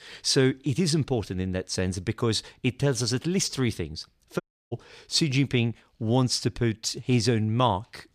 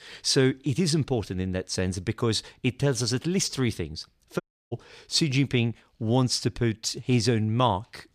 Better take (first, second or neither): neither